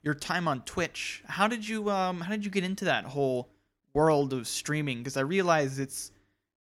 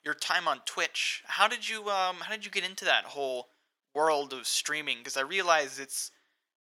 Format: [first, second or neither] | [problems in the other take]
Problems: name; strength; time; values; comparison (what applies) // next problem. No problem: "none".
first | thin; very; fading below 700 Hz